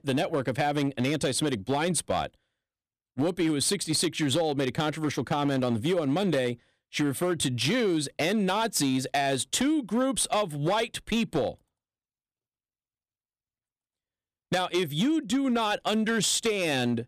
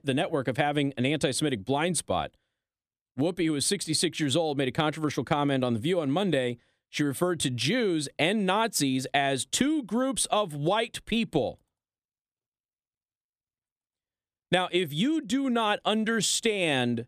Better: second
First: distortion; slight; 6% of the sound clipped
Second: none

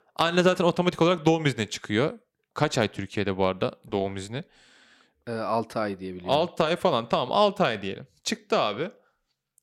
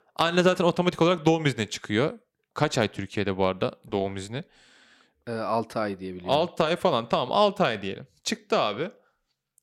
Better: neither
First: none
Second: none

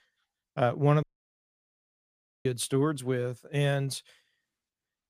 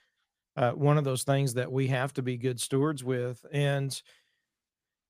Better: second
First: audio cutting out; at 1 s for 1.5 s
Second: none

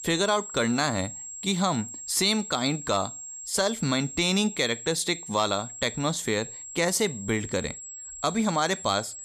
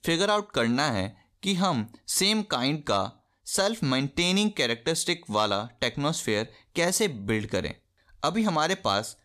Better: second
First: high-pitched whine; noticeable; throughout; 7.5 kHz, 10 dB below the speech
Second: none

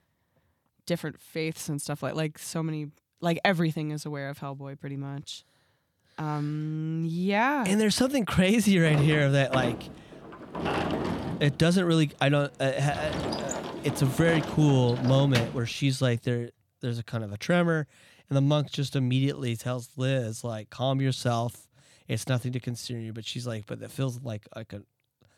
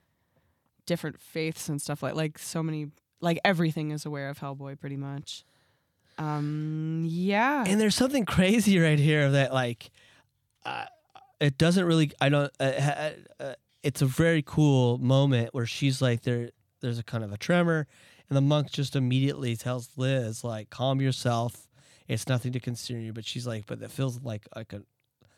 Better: second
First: door banging; noticeable; from 9 to 16 s; peak 2 dB below the speech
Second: none

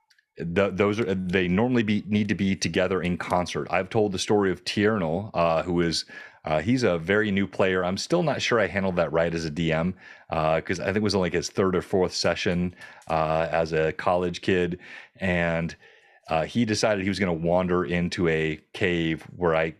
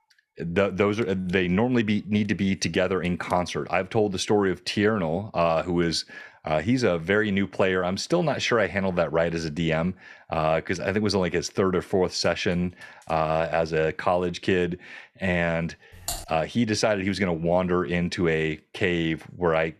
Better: first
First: none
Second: keyboard typing; noticeable; at 16 s; peak 8 dB below the speech

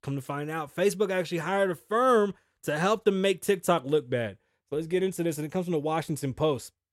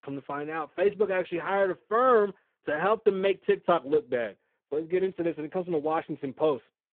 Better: first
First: none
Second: phone-call audio; poor line

